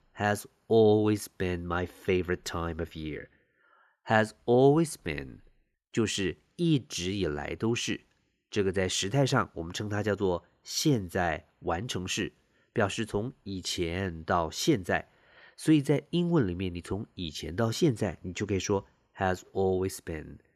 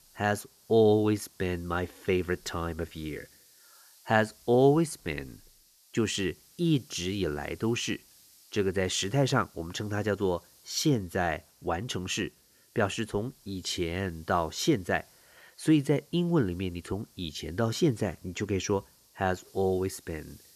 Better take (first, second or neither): first